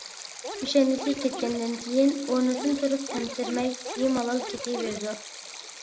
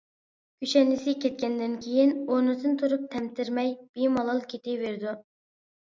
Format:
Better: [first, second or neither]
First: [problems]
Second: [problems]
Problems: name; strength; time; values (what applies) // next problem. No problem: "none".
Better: second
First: background sound (Scratching (performance technique) + Stream); 10 dB below the speech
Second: none